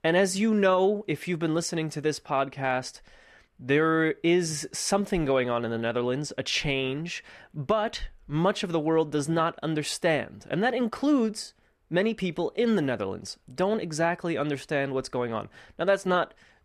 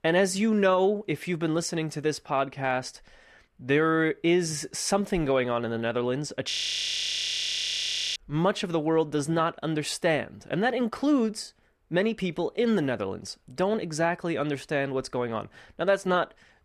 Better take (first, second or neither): first